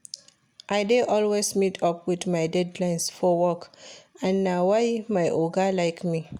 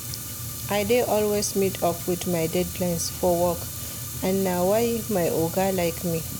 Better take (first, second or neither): first